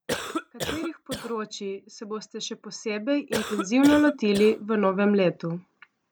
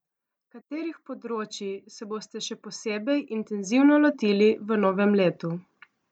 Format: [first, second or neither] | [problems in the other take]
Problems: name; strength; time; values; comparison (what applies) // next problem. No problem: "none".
second | background sound (Cough); 8 dB below the speech